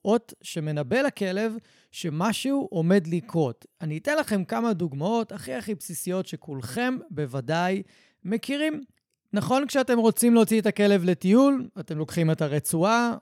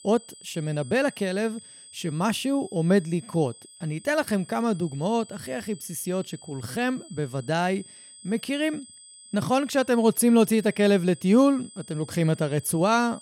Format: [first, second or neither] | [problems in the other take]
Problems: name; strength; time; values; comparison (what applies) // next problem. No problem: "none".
first | high-pitched whine; faint; throughout; 8 kHz, 20 dB below the speech